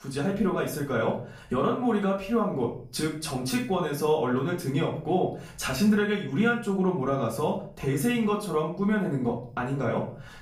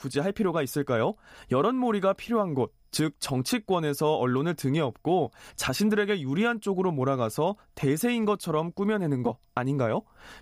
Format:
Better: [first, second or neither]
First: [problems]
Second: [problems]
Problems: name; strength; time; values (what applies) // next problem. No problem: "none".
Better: second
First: room echo; slight; dies away in 0.4 s // off-mic speech; far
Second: none